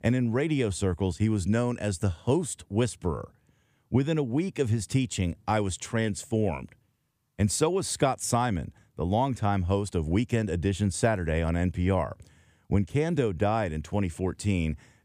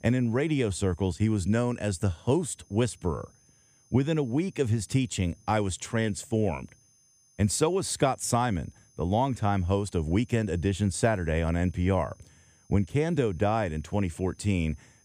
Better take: first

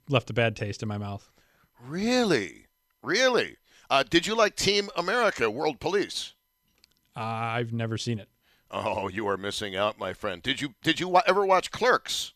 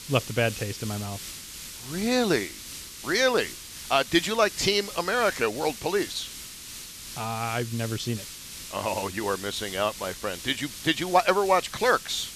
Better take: first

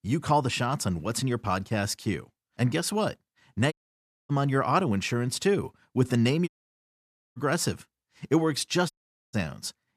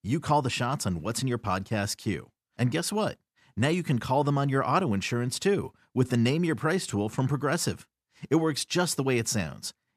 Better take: second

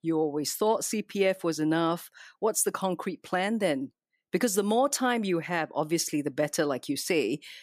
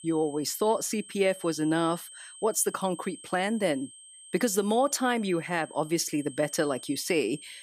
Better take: first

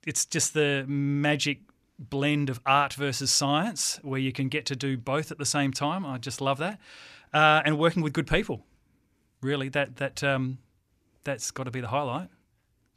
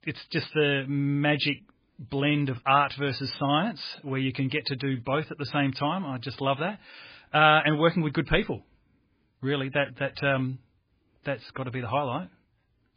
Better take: first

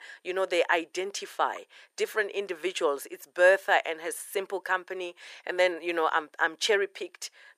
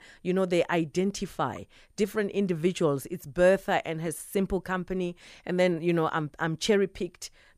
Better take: second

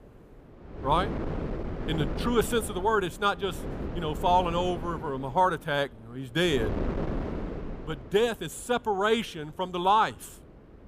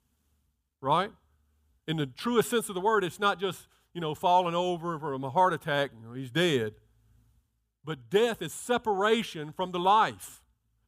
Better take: second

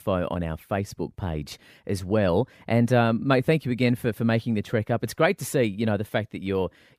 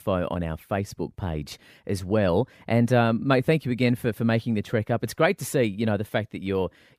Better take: neither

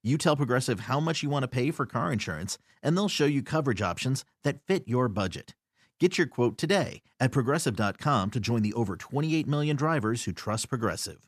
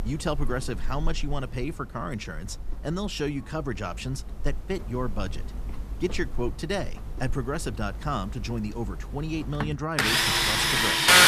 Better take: first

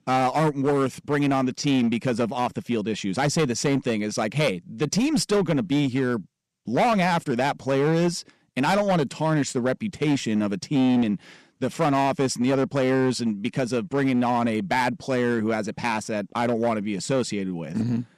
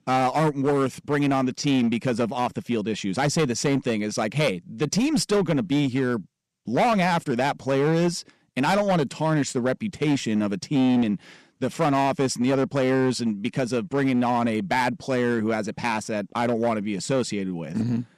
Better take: neither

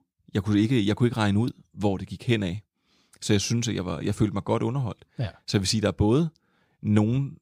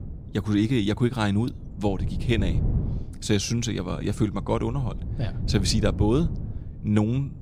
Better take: first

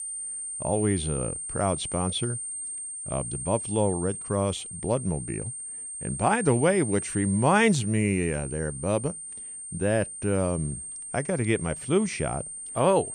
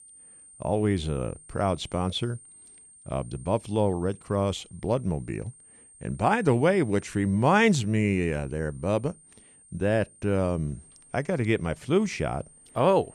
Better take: second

